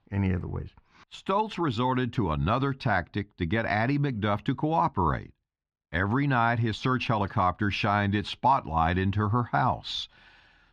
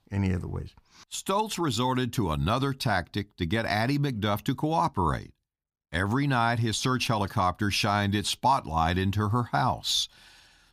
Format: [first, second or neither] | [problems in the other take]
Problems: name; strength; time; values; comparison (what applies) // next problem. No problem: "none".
second | muffled; slightly; fading above 2.5 kHz